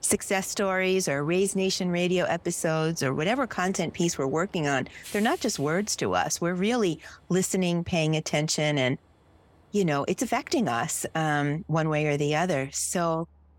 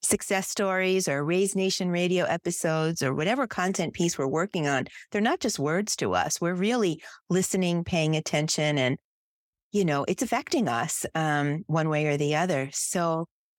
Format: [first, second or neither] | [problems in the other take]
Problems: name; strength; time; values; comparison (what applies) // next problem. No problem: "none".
second | train or aircraft noise; faint; throughout; 25 dB below the speech